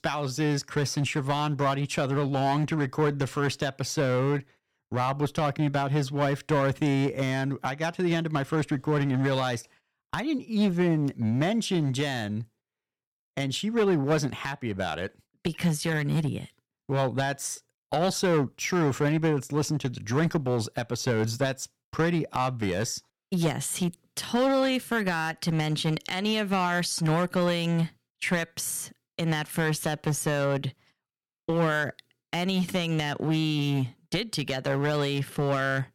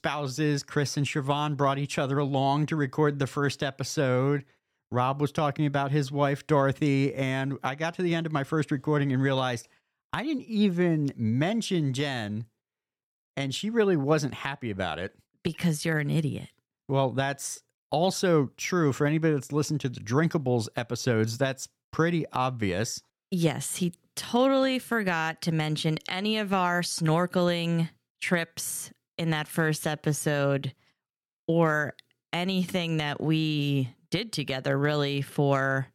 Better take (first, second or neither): second